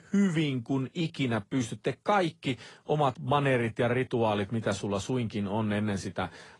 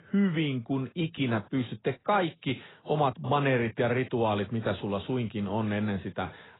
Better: first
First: garbled, watery; slightly; nothing above 10.5 kHz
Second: garbled, watery; badly; nothing above 4 kHz

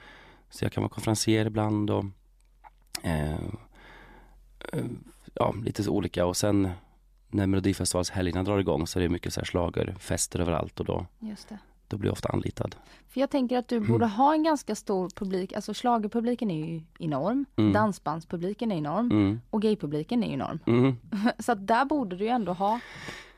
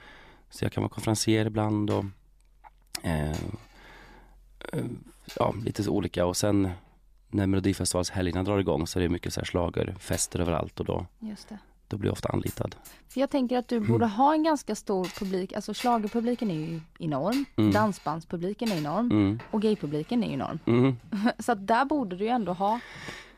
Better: first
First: none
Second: household noises; noticeable; throughout; 20 dB below the speech

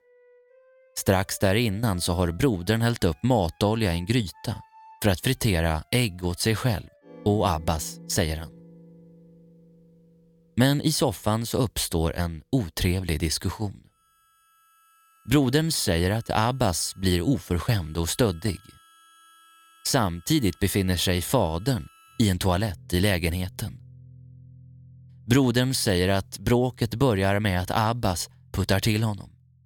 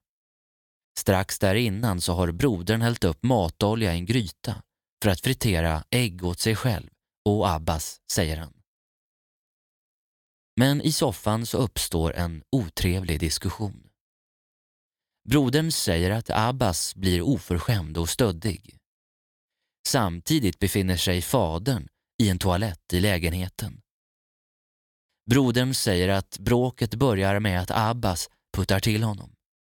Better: second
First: background music; faint; throughout; 25 dB below the speech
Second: none

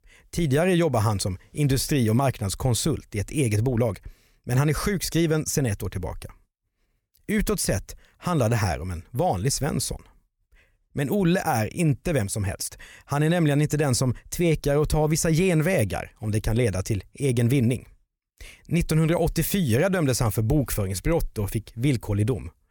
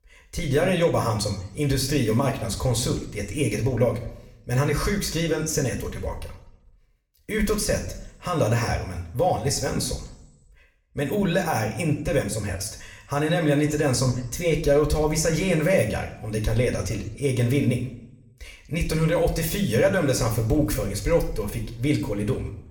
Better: first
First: none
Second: room echo; slight; dies away in 0.6 s // off-mic speech; somewhat distant

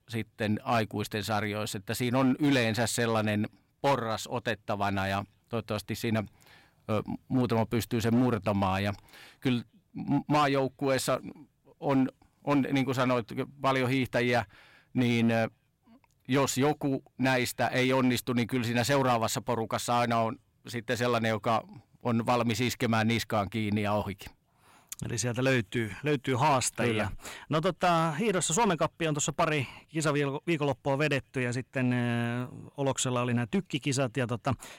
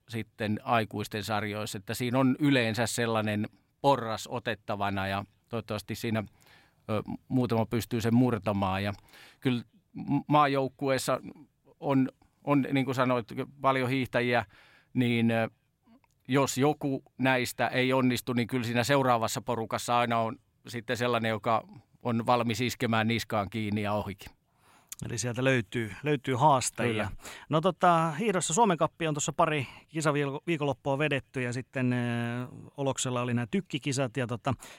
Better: second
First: distortion; slight; 5% of the sound clipped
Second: none

